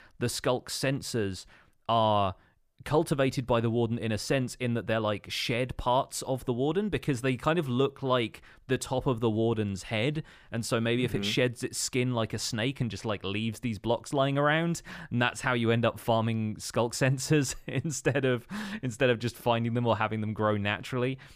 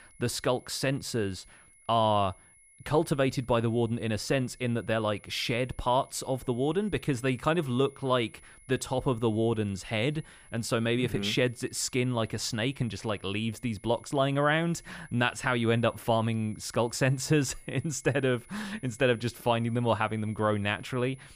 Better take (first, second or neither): first